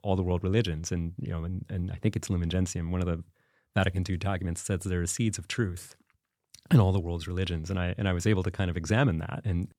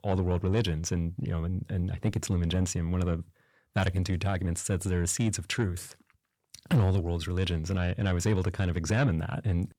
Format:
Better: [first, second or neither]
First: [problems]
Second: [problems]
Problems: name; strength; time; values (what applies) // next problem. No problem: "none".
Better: first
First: none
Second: distortion; slight; 10 dB below the speech